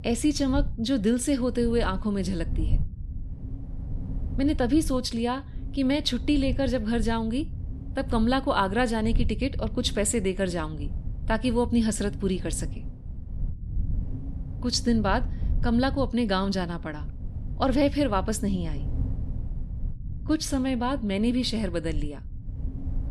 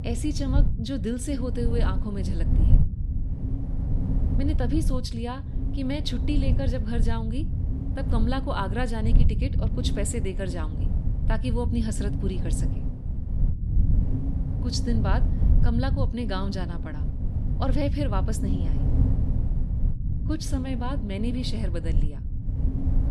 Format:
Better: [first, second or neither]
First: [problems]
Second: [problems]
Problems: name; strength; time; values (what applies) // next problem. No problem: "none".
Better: first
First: wind noise on the microphone; occasional gusts; 20 dB below the speech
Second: wind noise on the microphone; heavy; 7 dB below the speech